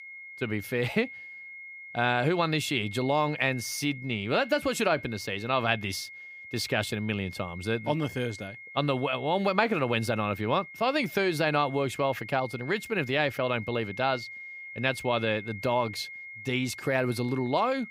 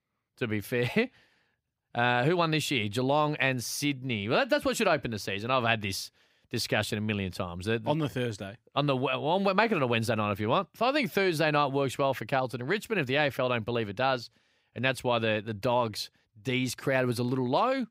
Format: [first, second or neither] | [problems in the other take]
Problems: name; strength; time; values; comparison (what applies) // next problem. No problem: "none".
second | high-pitched whine; noticeable; throughout; 2 kHz, 15 dB below the speech